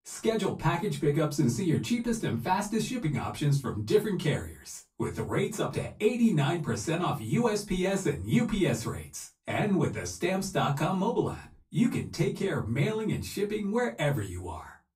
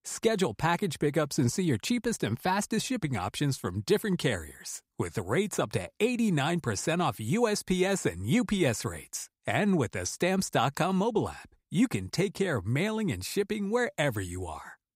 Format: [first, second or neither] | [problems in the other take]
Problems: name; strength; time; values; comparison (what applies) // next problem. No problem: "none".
second | off-mic speech; far // room echo; very slight; dies away in 0.2 s